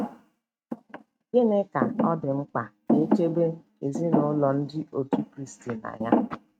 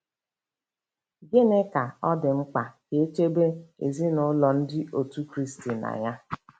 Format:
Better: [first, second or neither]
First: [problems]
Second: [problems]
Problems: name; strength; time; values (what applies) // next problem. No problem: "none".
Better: second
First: noise reduction (neural mask model RNNoise)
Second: none